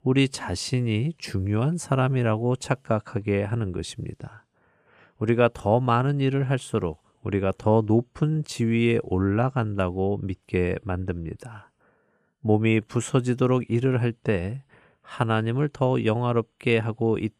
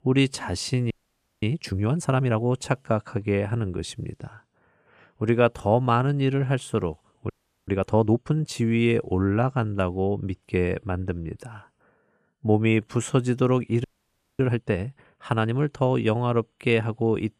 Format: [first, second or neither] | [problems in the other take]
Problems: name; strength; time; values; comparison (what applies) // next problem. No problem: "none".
first | audio freezing; at 1 s for 0.5 s, at 7.5 s and at 14 s for 0.5 s